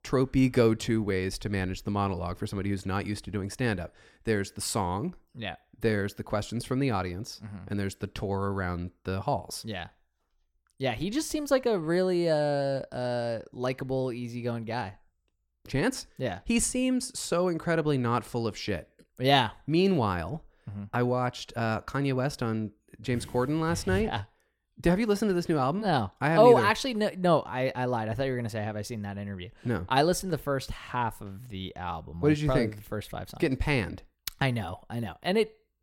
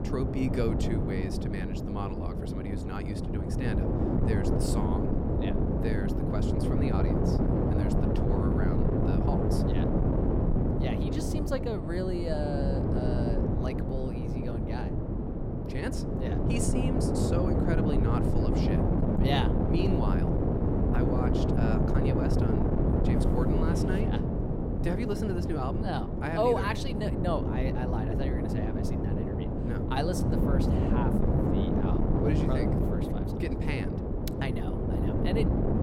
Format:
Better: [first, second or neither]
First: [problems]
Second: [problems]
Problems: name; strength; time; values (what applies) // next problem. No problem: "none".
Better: first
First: none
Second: wind noise on the microphone; heavy; 2 dB above the speech